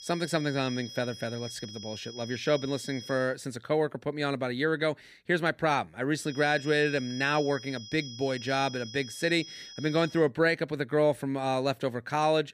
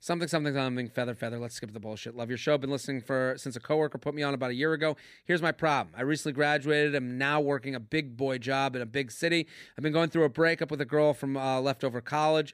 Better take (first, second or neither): second